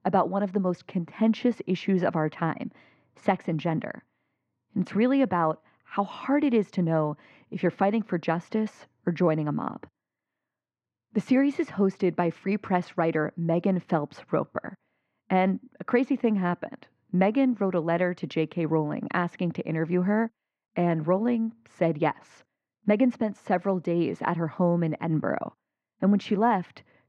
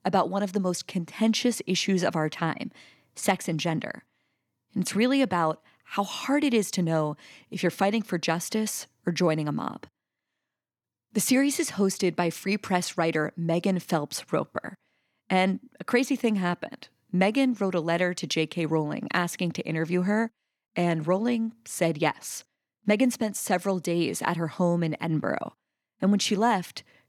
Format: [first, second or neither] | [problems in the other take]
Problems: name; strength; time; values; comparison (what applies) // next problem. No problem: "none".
second | muffled; very; fading above 1.5 kHz